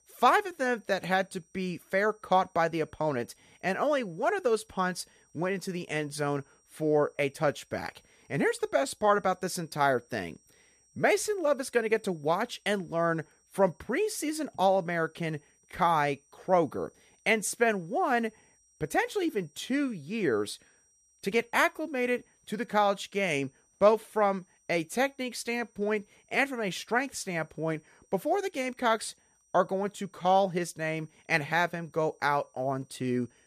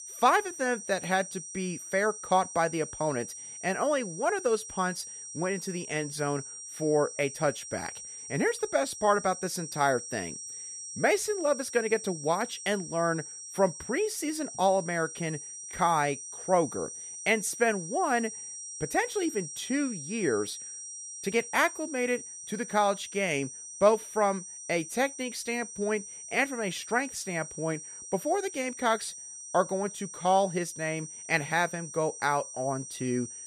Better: first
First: high-pitched whine; faint; throughout; 5.5 kHz, 35 dB below the speech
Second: high-pitched whine; loud; throughout; 5.5 kHz, 10 dB below the speech

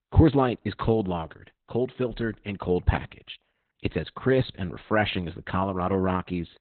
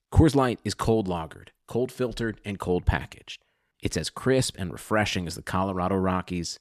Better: second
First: garbled, watery; badly; nothing above 4 kHz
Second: none

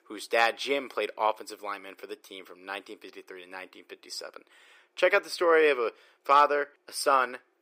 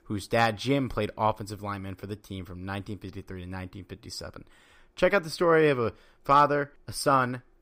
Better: second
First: thin; somewhat; fading below 400 Hz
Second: none

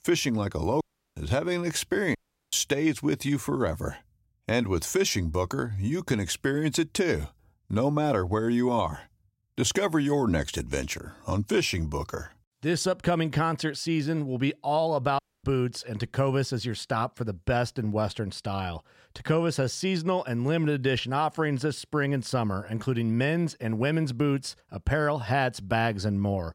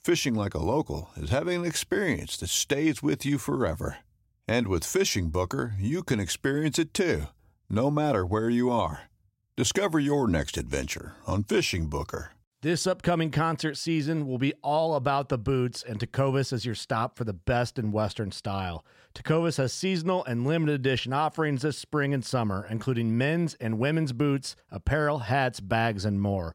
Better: second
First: audio cutting out; at 1 s, at 2 s and at 15 s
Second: none

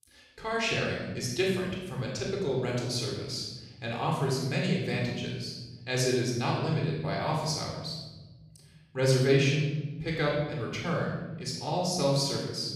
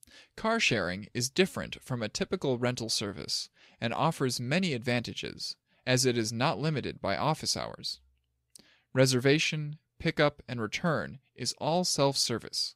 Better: second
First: off-mic speech; far // room echo; noticeable; dies away in 1.4 s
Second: none

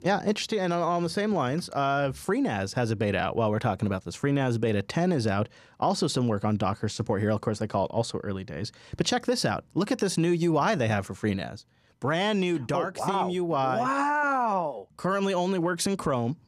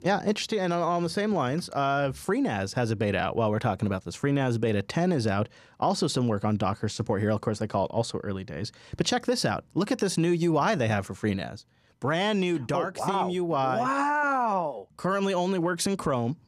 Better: neither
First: none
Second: none

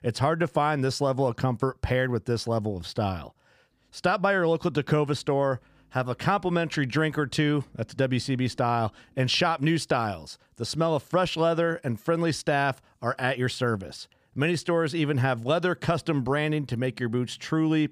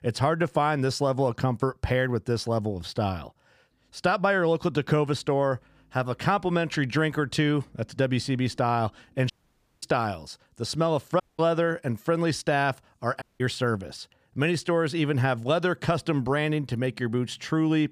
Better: first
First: none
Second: audio cutting out; at 9.5 s for 0.5 s, at 11 s and at 13 s

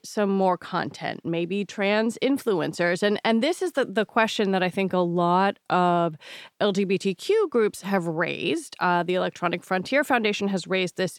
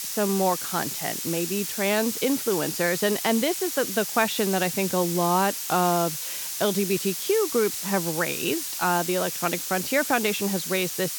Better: first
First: none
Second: hiss; loud; throughout; 4 dB below the speech

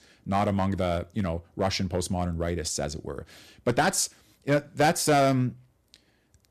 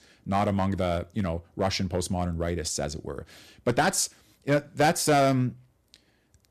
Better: neither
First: distortion; slight; 2% of the sound clipped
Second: distortion; slight; 2% of the sound clipped

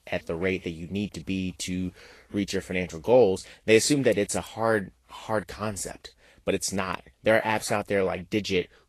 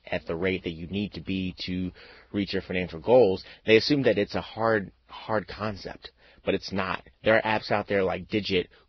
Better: first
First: garbled, watery; slightly; nothing above 12 kHz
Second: garbled, watery; badly; nothing above 5.5 kHz

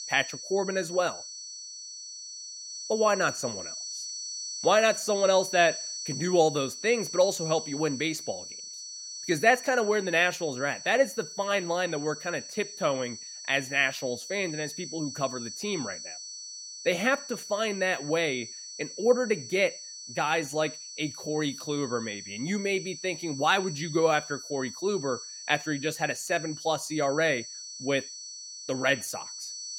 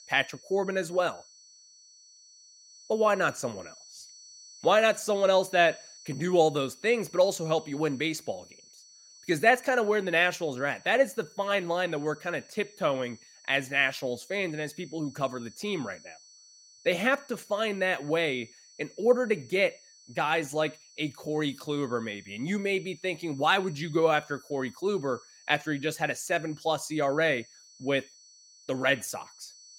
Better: second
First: high-pitched whine; loud; throughout; 6 kHz, 10 dB below the speech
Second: high-pitched whine; faint; throughout; 6 kHz, 25 dB below the speech

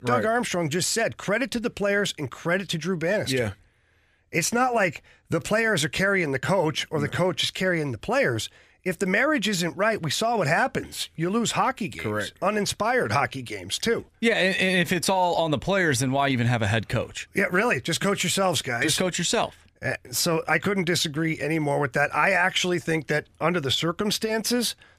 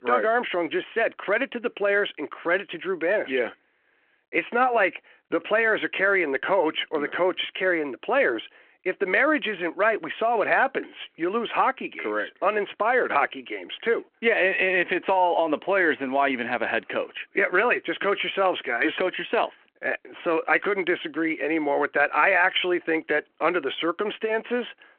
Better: first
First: none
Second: phone-call audio

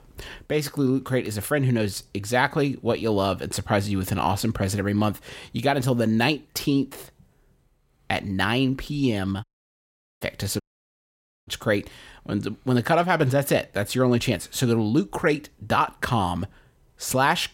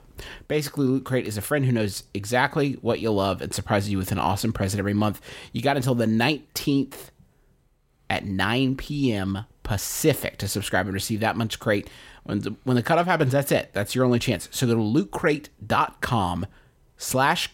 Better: second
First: audio cutting out; at 9.5 s for 1 s and at 11 s for 1 s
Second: none

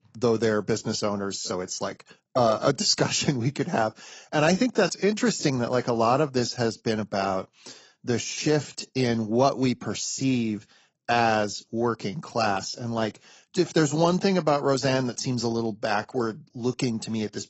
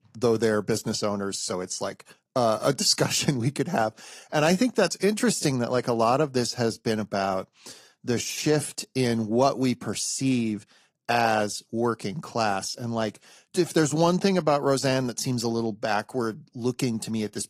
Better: second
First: garbled, watery; badly; nothing above 7.5 kHz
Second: garbled, watery; slightly; nothing above 15 kHz

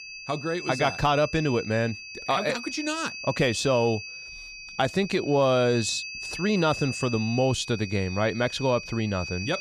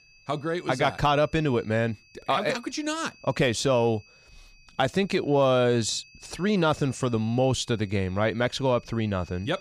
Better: second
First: high-pitched whine; loud; throughout; 2.5 kHz, 9 dB below the speech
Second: high-pitched whine; faint; throughout; 2.5 kHz, 25 dB below the speech

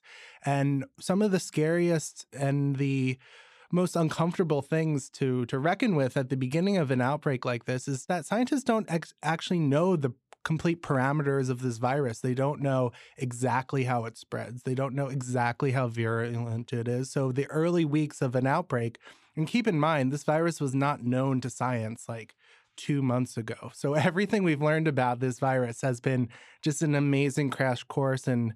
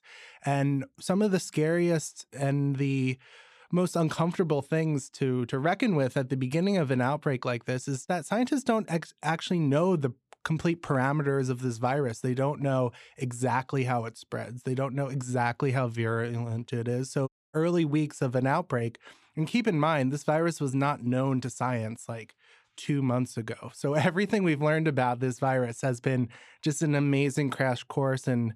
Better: first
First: none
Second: audio cutting out; at 17 s

